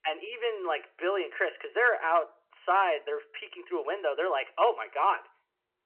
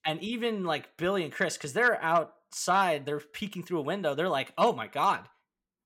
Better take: second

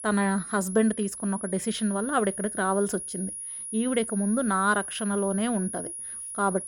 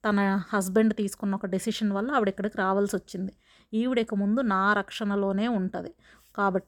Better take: second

